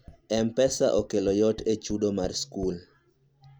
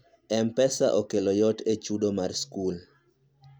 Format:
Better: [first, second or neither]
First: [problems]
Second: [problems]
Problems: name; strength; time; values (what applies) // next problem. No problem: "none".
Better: second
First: background sound (Tap); 19 dB below the speech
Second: none